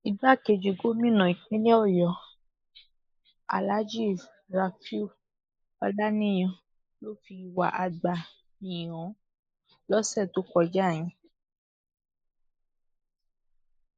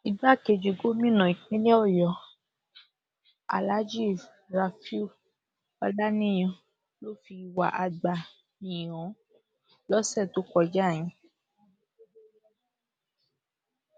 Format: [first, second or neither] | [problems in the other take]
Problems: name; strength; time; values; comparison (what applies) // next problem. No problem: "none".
second | noise reduction (neural mask model Resemble Enhance denoiser)